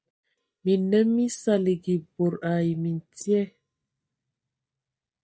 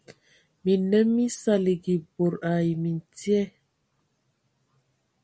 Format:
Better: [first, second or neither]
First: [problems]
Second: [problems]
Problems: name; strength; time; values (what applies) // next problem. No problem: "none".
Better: second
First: noise reduction (neural mask model DeepFilterNet 3)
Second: none